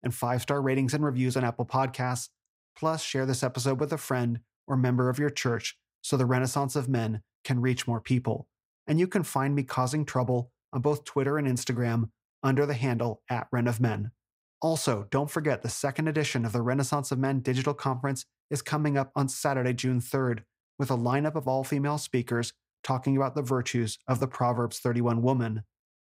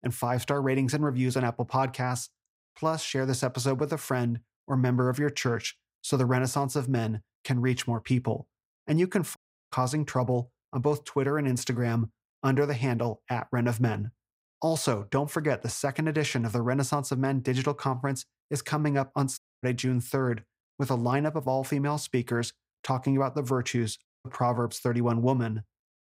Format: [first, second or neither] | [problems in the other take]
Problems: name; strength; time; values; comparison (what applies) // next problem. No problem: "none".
first | audio cutting out; at 9.5 s, at 19 s and at 24 s